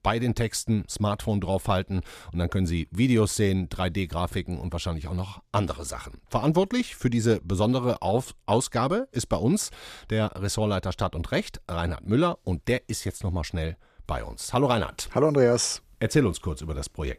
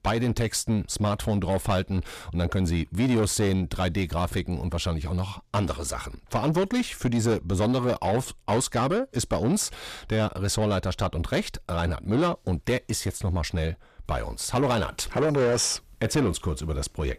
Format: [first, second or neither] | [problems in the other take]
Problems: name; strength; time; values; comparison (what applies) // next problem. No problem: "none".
first | distortion; slight; 10 dB below the speech